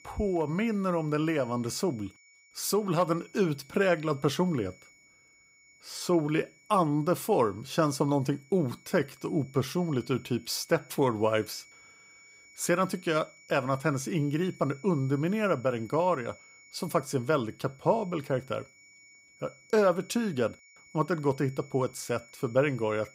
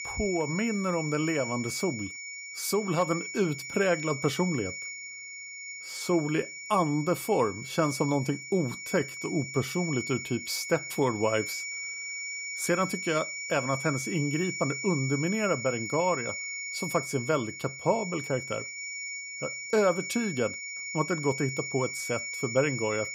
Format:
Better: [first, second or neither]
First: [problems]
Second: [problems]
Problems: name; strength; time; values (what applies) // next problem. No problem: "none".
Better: first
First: high-pitched whine; faint; throughout; 2.5 kHz, 25 dB below the speech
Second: high-pitched whine; loud; throughout; 2.5 kHz, 6 dB below the speech